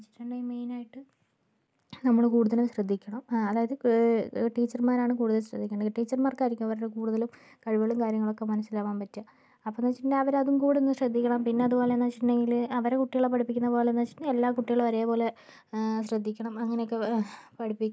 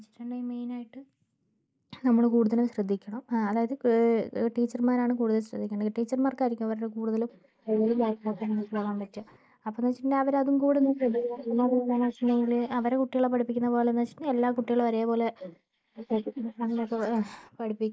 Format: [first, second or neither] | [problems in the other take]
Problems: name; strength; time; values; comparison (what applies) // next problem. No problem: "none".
first | noise reduction (neural mask model Resemble Enhance denoiser)